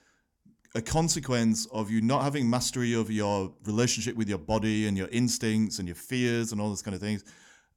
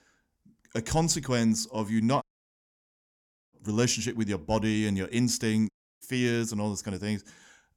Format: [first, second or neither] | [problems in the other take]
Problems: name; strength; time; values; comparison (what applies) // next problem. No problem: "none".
first | audio cutting out; at 2 s for 1.5 s and at 5.5 s